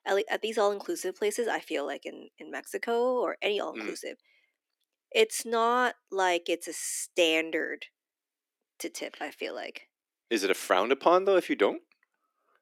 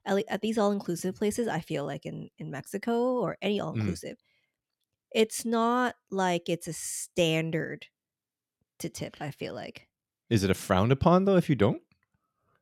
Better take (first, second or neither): second